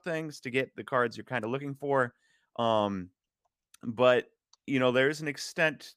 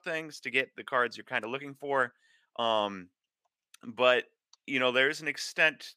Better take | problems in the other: first | thin; very slightly; fading below 400 Hz

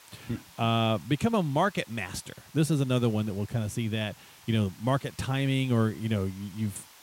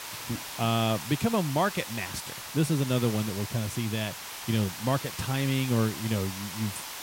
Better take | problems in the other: first | hiss; loud; throughout; 8 dB below the speech; faint in the first

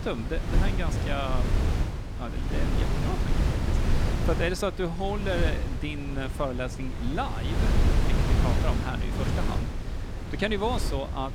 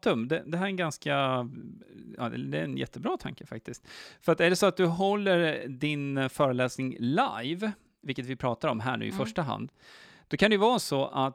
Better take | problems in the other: second | wind noise on the microphone; heavy; 4 dB below the speech

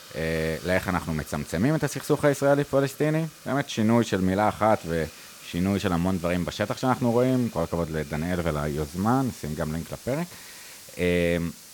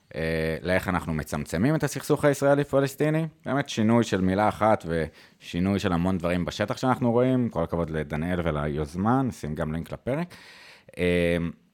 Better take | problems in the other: second | hiss; noticeable; throughout; 20 dB below the speech

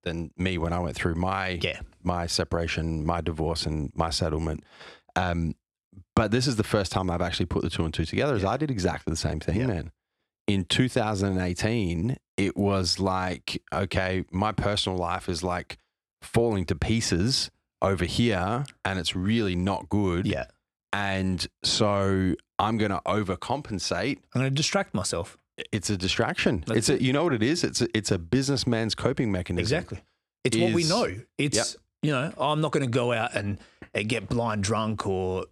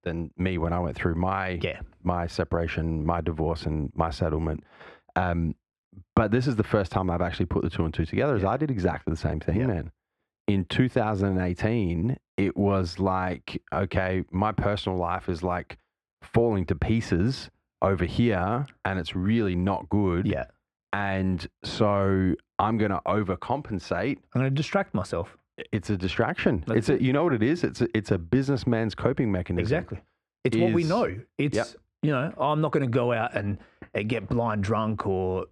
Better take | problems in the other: first | muffled; slightly; fading above 3.5 kHz

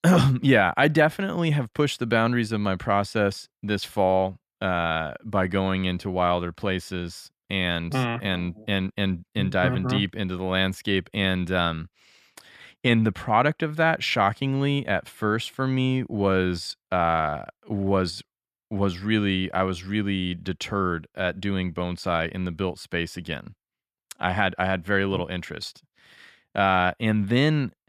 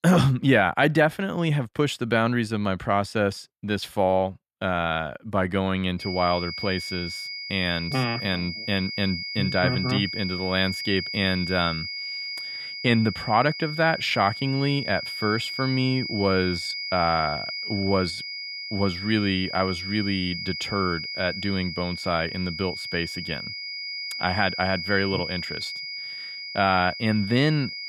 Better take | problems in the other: first | high-pitched whine; loud; from 6 s on; 5 kHz, 6 dB below the speech

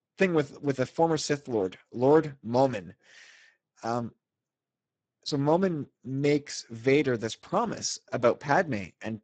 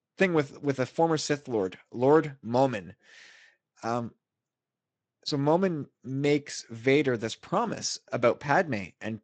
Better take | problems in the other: second | garbled, watery; badly; nothing above 7.5 kHz; slightly in the second

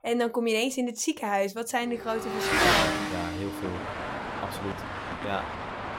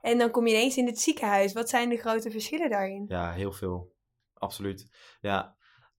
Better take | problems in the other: second | traffic noise; very loud; from 2 s on; 1 dB above the speech

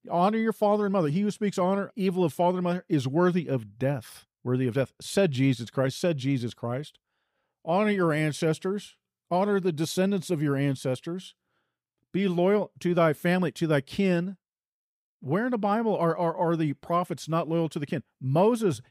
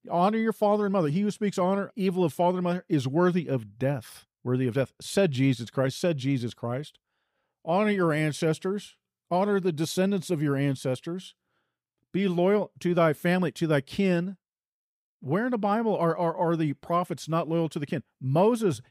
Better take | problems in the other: neither | none

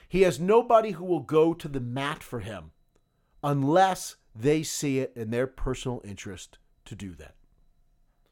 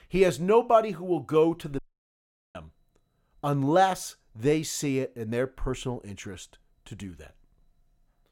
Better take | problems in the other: first | audio cutting out; at 2 s for 1 s

